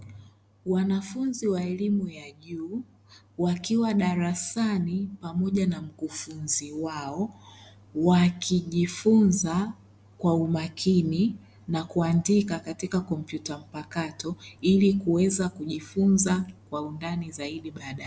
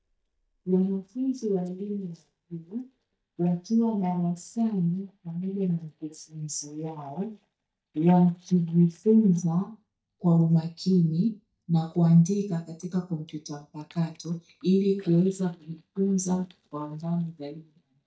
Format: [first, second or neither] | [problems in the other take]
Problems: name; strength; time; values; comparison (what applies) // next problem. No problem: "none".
first | noise reduction (neural mask model DeepFilterNet 3)